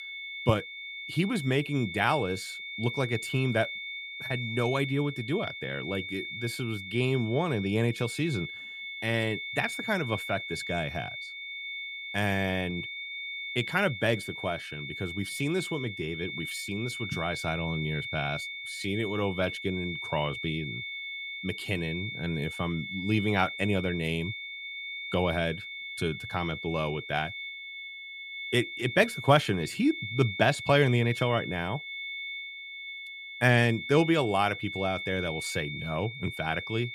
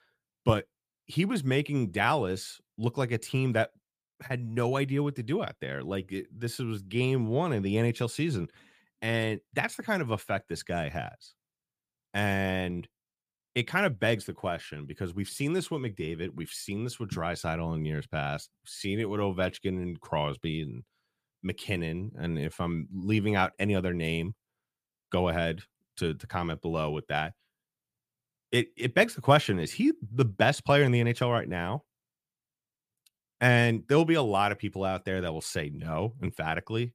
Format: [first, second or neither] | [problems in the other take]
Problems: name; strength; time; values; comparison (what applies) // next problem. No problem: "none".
second | high-pitched whine; loud; throughout; 2 kHz, 7 dB below the speech